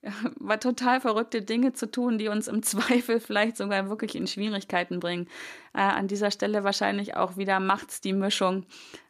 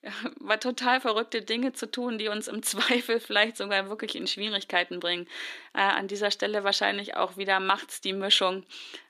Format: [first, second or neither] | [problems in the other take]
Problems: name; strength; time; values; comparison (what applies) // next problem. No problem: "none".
first | thin; very slightly; fading below 350 Hz